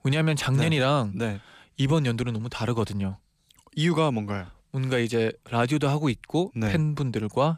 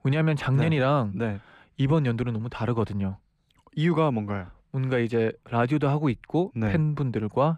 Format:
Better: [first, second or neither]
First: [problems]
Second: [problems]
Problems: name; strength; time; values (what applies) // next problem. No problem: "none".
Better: first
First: none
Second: muffled; slightly; fading above 3.5 kHz